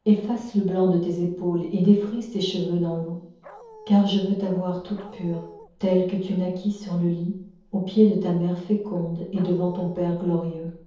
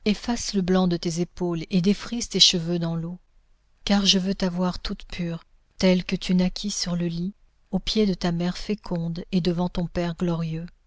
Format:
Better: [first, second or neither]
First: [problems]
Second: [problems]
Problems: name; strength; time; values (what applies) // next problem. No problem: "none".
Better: second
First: background sound (Dog); 20 dB below the speech // room echo; dies away in 0.7 s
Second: none